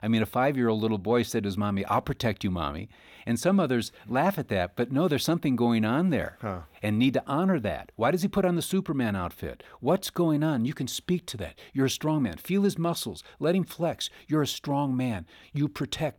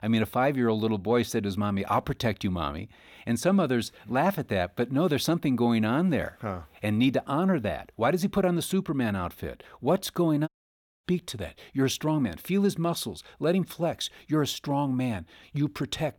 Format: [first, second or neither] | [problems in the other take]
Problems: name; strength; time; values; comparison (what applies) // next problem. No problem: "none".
first | audio cutting out; at 10 s for 0.5 s